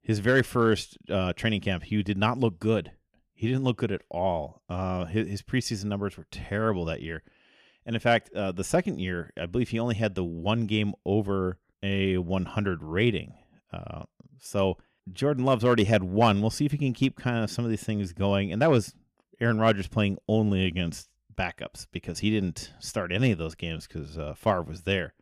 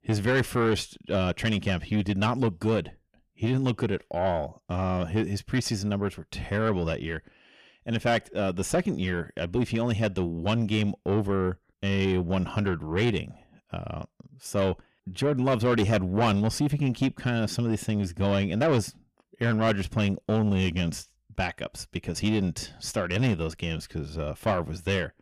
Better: first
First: none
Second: distortion; slight; 10 dB below the speech

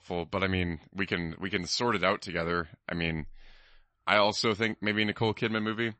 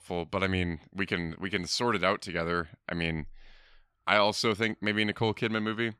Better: second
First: garbled, watery; slightly; nothing above 8 kHz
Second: none

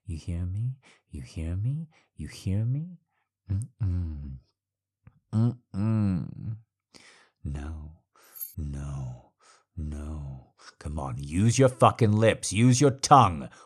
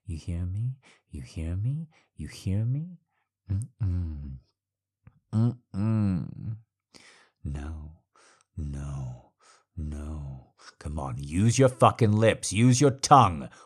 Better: second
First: jangling keys; faint; at 8.5 s; peak 15 dB below the speech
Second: none

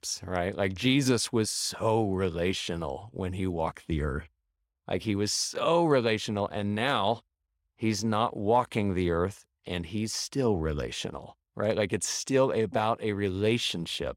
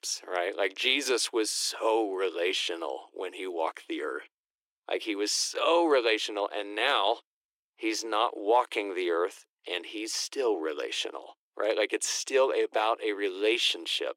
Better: first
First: none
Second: thin; very; fading below 300 Hz

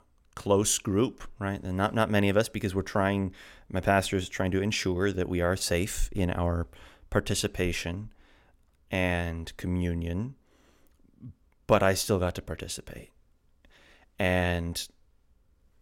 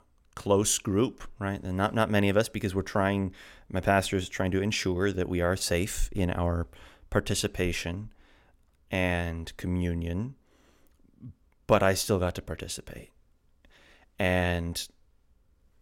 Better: neither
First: none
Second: none

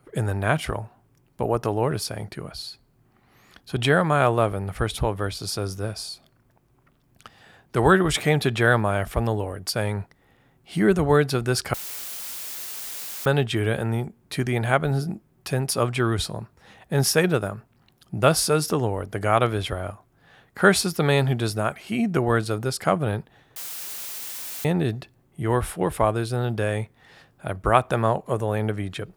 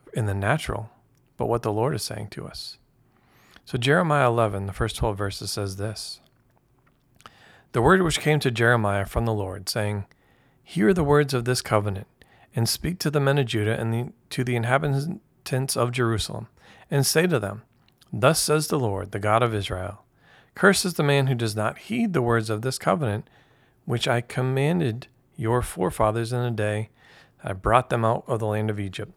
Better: second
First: audio cutting out; filled with static; at 12 s for 1.5 s and at 24 s for 1 s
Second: none

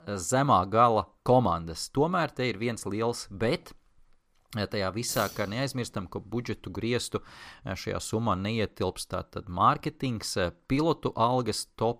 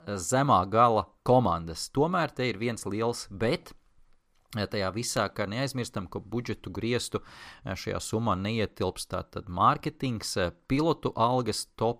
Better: second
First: jangling keys; faint; at 5 s; peak 10 dB below the speech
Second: none

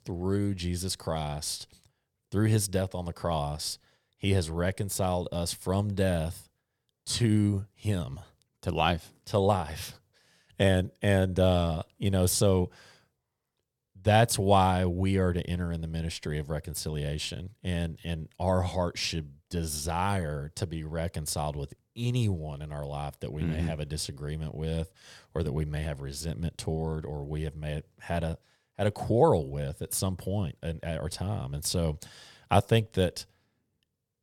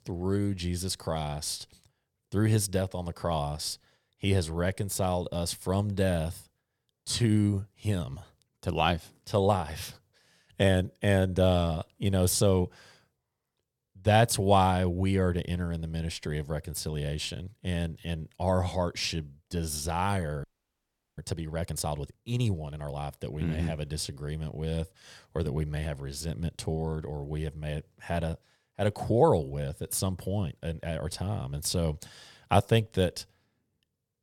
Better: first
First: none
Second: audio freezing; at 20 s for 0.5 s

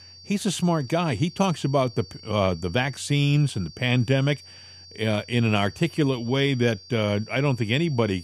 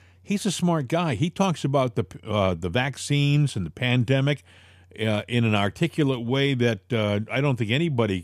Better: second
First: high-pitched whine; noticeable; throughout; 4.5 kHz, 20 dB below the speech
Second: none

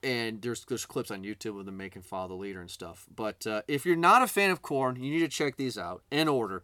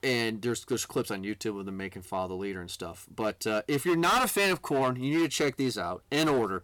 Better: first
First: none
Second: distortion; heavy; 8% of the sound clipped

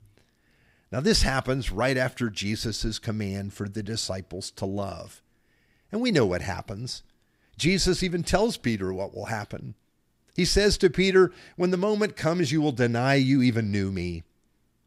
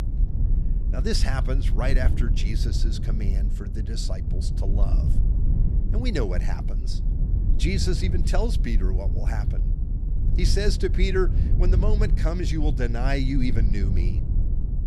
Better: first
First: none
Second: low rumble; loud; throughout; 9 dB below the speech

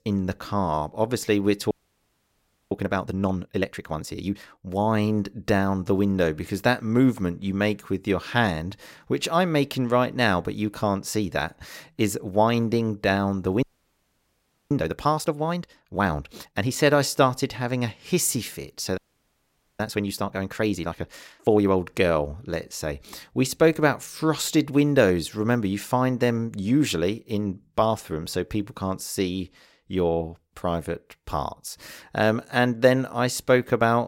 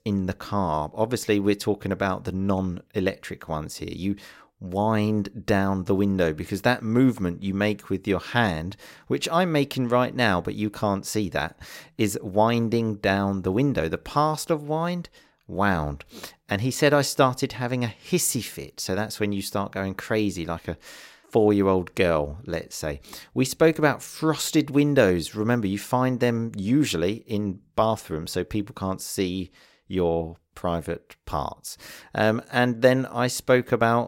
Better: second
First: audio freezing; at 1.5 s for 1 s, at 14 s for 1 s and at 19 s for 1 s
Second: none

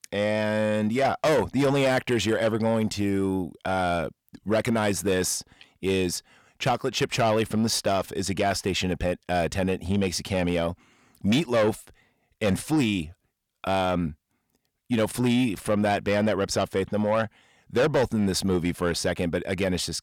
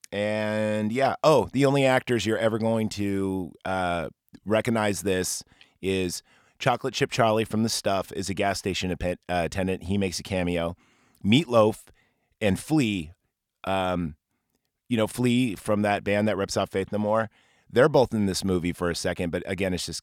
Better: second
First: distortion; slight; 10 dB below the speech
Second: none

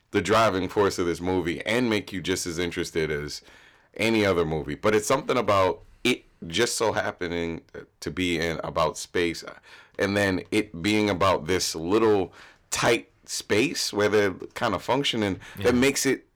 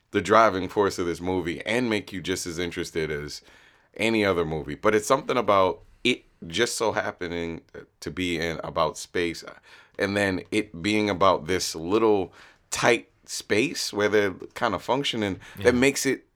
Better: second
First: distortion; slight; 3% of the sound clipped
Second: none

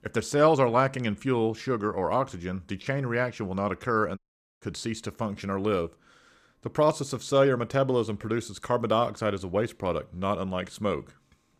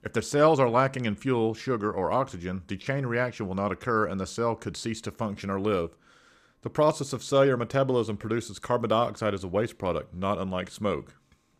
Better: second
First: audio cutting out; at 4 s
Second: none

